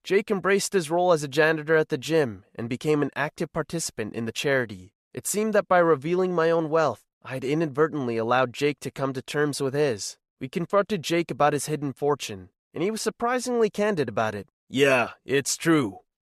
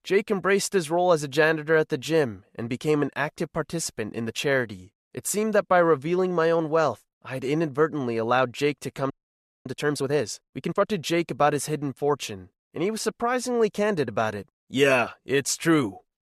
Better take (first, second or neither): first